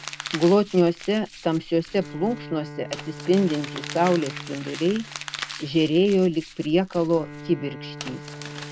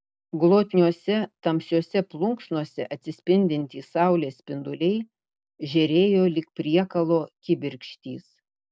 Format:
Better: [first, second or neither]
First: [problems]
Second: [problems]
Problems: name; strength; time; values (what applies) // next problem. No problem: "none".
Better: second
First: background sound (Bowed string instrument + Crumpling, crinkling); 13 dB below the speech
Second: none